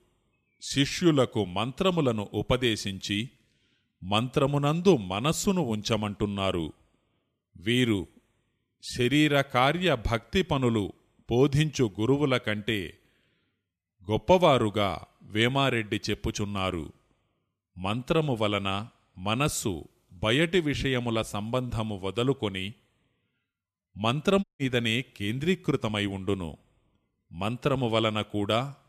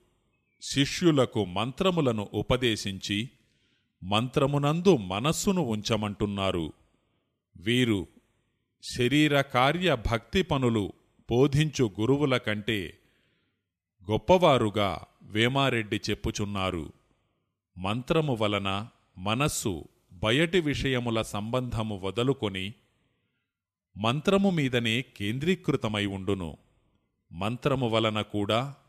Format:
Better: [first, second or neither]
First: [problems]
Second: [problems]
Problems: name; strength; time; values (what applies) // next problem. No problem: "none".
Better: second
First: audio cutting out; at 24 s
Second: none